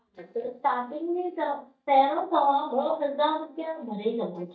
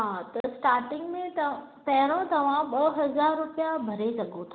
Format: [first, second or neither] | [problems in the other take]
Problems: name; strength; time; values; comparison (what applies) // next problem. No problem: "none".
second | noise reduction (neural mask model DeepFilterNet 3)